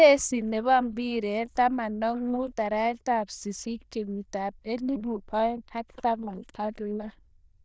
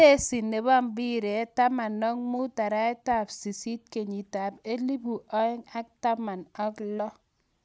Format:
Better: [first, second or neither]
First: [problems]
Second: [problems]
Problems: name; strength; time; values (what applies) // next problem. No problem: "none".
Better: second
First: noise reduction (neural diffusion model UNIVERSE++)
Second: none